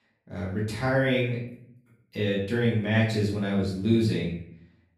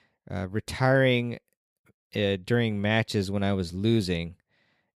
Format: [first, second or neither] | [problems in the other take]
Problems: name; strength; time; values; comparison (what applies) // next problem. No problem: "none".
second | off-mic speech; far // room echo; noticeable; dies away in 0.6 s